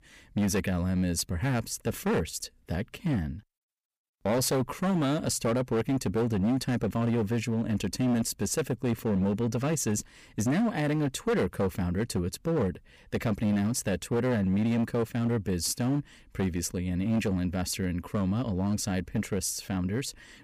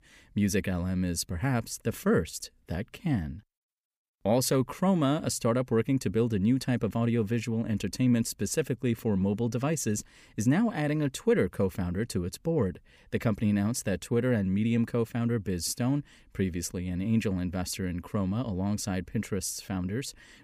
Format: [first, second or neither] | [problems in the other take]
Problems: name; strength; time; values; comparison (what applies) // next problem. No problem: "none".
second | distortion; slight; 12% of the sound clipped